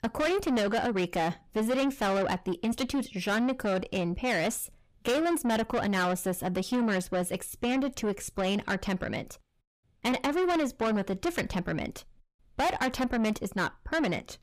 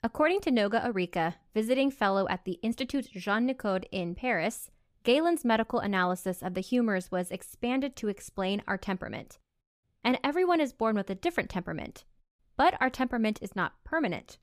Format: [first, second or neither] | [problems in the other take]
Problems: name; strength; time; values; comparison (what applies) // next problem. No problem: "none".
second | distortion; heavy; 7 dB below the speech